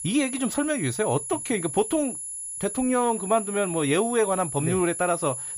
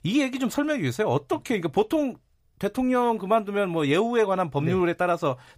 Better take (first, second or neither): second